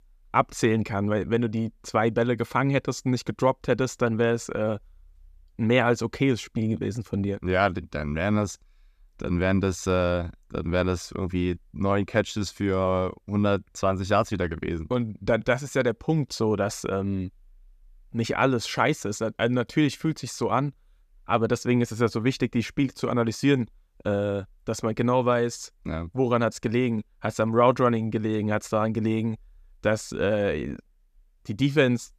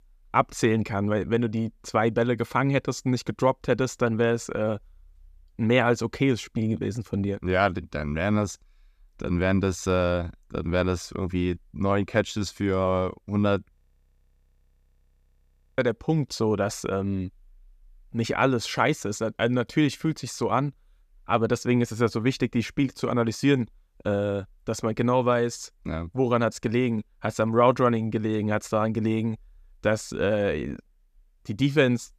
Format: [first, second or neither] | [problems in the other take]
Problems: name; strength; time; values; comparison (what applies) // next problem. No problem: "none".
first | audio freezing; at 14 s for 2 s